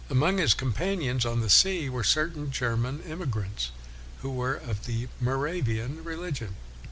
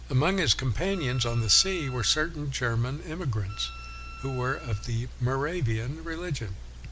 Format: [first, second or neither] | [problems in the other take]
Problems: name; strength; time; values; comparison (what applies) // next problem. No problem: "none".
first | background sound (Wind instrument, woodwind instrument); 19 dB below the speech